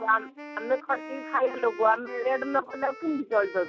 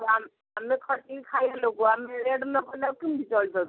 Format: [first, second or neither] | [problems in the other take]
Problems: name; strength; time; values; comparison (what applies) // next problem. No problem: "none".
second | background sound (Wind instrument, woodwind instrument); 14 dB below the speech